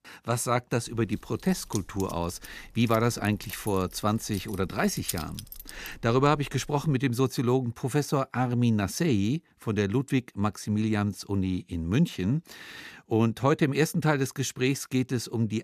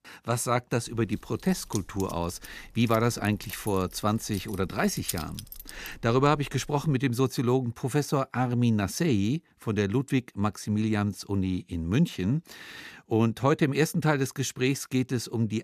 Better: neither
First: jangling keys; noticeable; from 1.5 to 7 s; peak 7 dB below the speech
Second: jangling keys; noticeable; from 1.5 to 7 s; peak 7 dB below the speech

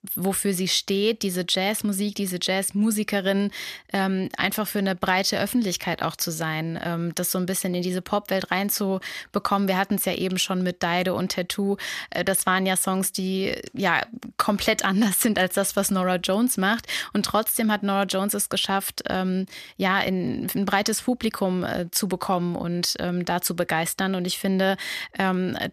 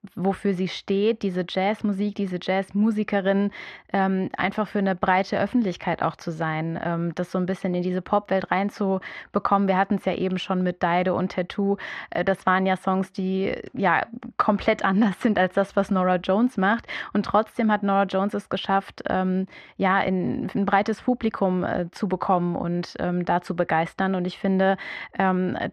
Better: first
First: none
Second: muffled; very; fading above 2 kHz

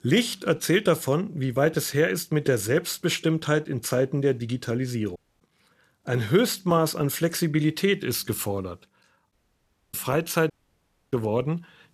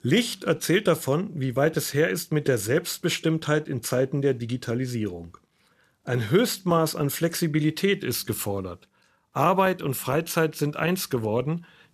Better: second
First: audio cutting out; at 5 s, at 9.5 s for 0.5 s and at 11 s for 0.5 s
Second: none

